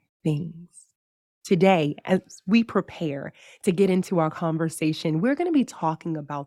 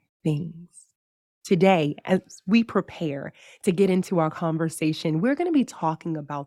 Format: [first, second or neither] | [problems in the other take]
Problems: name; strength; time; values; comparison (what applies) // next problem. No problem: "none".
neither | none